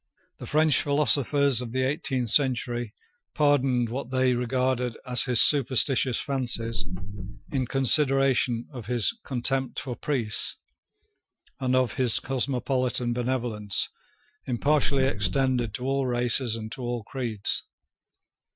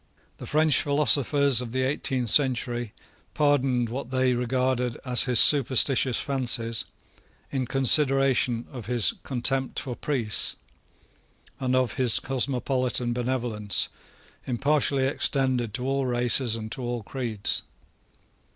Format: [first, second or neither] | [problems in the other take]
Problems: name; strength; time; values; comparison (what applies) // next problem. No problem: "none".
second | noise reduction (classical method Wiener filter)